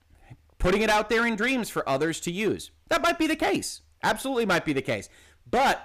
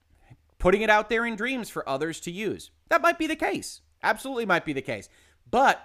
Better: second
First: distortion; heavy; 10% of the sound clipped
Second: none

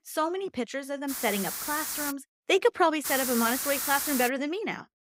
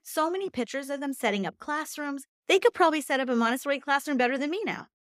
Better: second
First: hiss; loud; from 1 to 2 s and from 3 to 4.5 s; 2 dB below the speech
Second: none

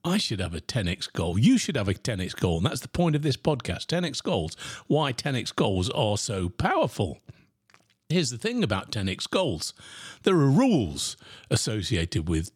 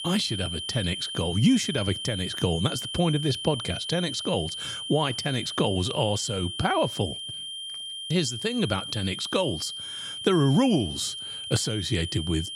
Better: first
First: none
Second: high-pitched whine; loud; throughout; 3 kHz, 6 dB below the speech

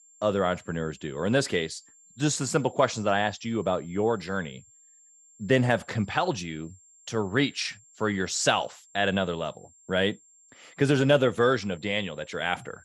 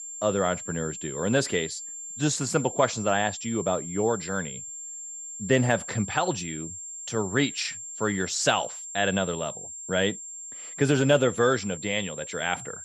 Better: first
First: high-pitched whine; faint; throughout; 7.5 kHz, 25 dB below the speech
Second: high-pitched whine; loud; throughout; 7.5 kHz, 9 dB below the speech

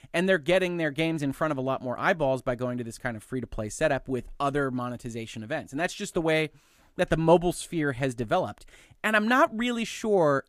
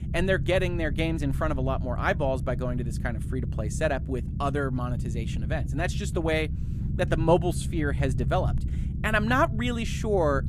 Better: first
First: none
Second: low rumble; noticeable; throughout; 15 dB below the speech

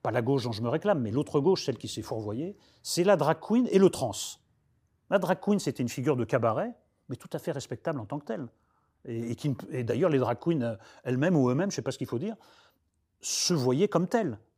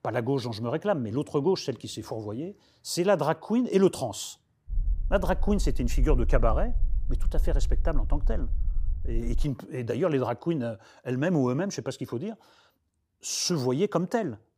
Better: first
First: none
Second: low rumble; faint; from 4.5 to 9.5 s; 25 dB below the speech

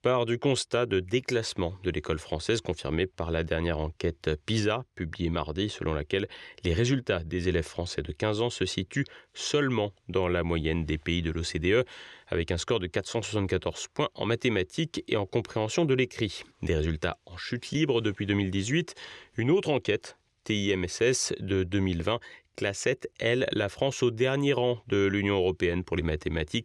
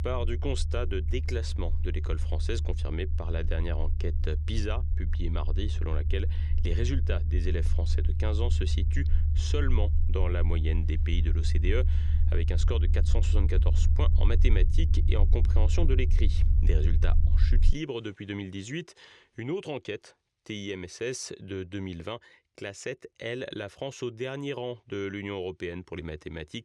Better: first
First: none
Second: low rumble; loud; until 18 s; 9 dB below the speech

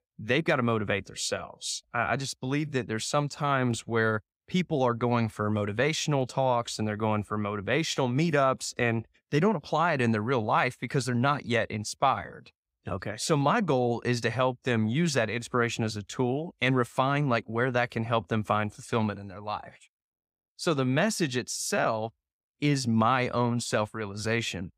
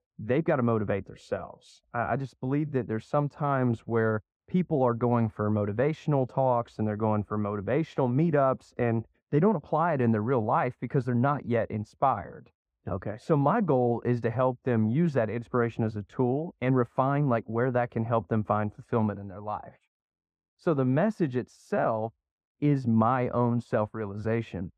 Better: first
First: none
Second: muffled; very; fading above 2.5 kHz

